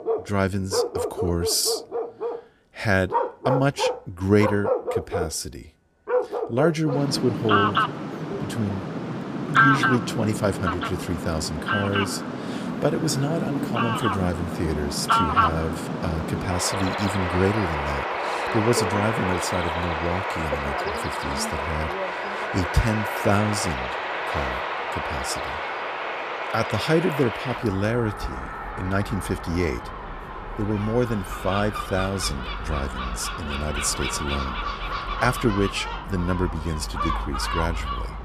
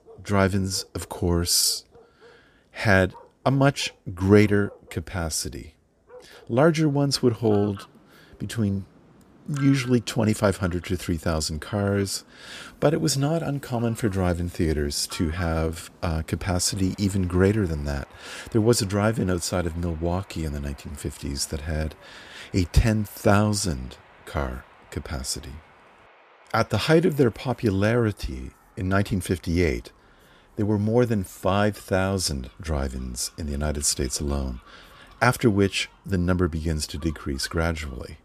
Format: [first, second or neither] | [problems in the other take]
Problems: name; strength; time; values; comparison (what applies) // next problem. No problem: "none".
second | animal sounds; loud; throughout; 1 dB below the speech; faint in the second